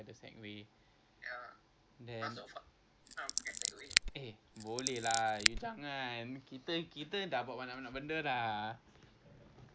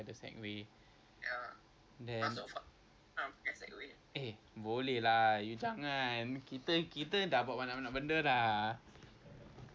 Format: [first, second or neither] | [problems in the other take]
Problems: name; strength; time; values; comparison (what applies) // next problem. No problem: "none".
second | background sound (Scissors); 4 dB above the speech